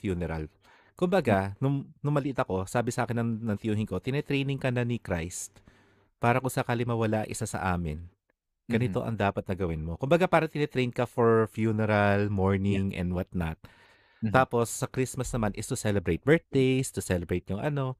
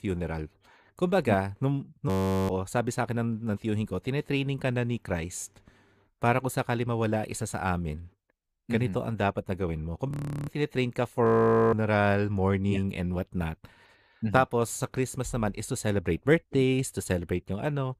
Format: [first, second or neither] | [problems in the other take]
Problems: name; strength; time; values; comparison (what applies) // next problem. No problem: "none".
first | audio freezing; at 2 s, at 10 s and at 11 s